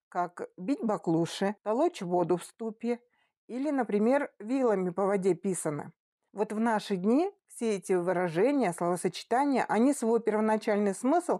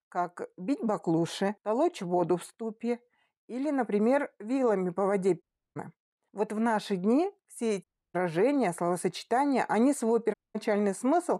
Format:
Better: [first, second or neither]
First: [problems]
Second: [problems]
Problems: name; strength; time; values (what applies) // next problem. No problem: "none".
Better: first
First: none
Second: audio cutting out; at 5.5 s, at 8 s and at 10 s